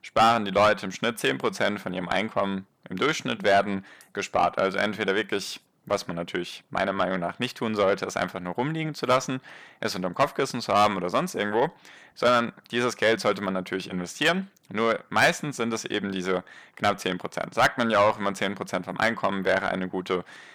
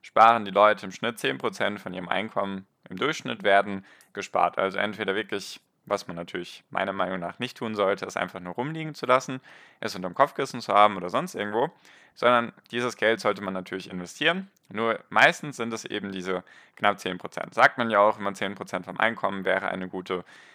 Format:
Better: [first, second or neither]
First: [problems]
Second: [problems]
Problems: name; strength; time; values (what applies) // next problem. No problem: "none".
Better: second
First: distortion; heavy; 8 dB below the speech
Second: none